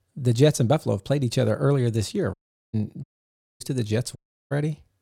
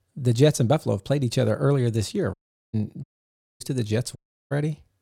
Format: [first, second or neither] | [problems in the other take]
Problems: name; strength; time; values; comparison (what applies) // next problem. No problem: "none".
neither | audio cutting out; at 2.5 s, at 3 s for 0.5 s and at 4 s; the same in both